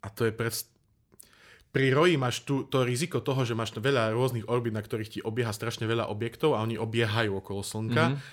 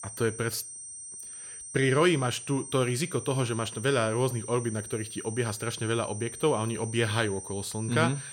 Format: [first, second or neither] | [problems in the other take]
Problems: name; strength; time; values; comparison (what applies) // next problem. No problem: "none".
first | high-pitched whine; noticeable; throughout; 8.5 kHz, 10 dB below the speech